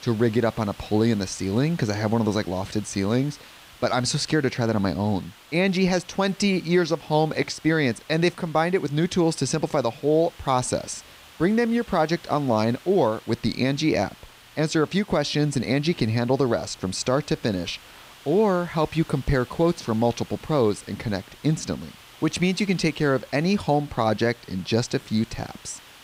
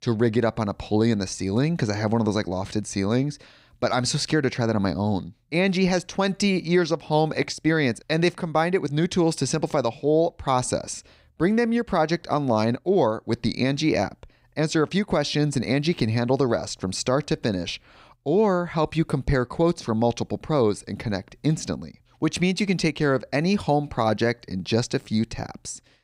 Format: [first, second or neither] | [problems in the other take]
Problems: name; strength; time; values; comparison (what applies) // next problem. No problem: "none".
second | hiss; faint; throughout; 20 dB below the speech